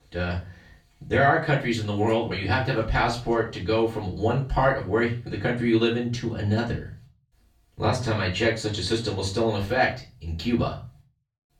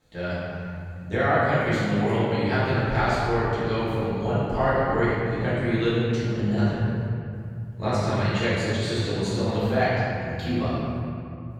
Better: first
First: room echo; slight; dies away in 0.3 s // off-mic speech; far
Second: room echo; strong; dies away in 3 s // off-mic speech; far

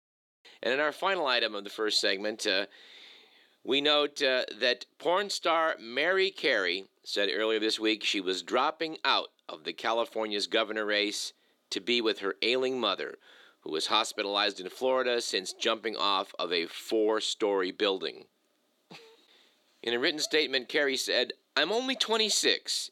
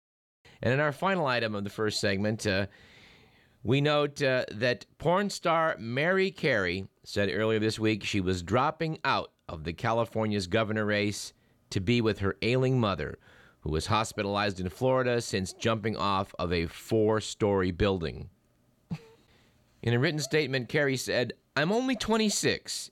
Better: second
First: thin; somewhat; fading below 300 Hz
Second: none

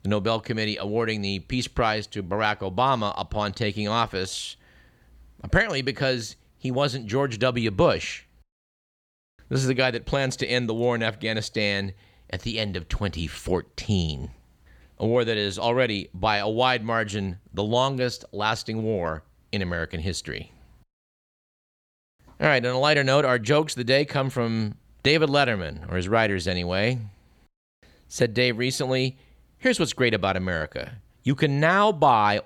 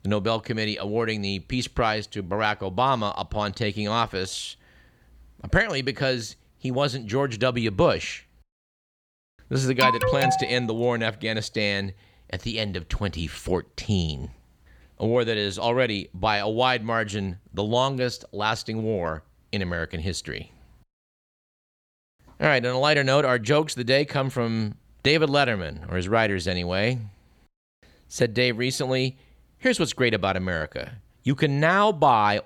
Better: first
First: none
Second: alarm; loud; at 10 s; peak 3 dB above the speech

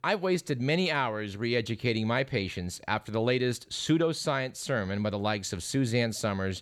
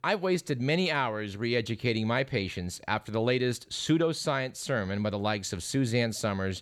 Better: neither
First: none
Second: none

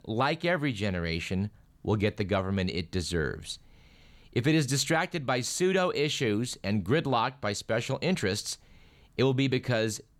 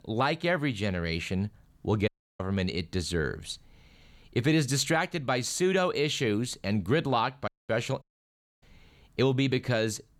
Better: first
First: none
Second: audio cutting out; at 2 s, at 7.5 s and at 8 s for 0.5 s

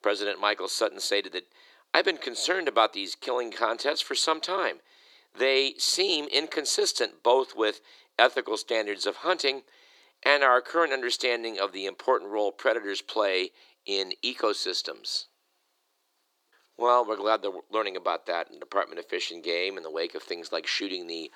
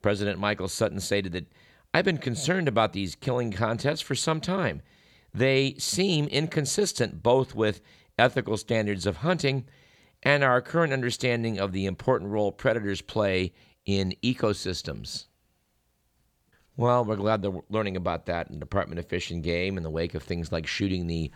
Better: second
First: thin; very; fading below 350 Hz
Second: none

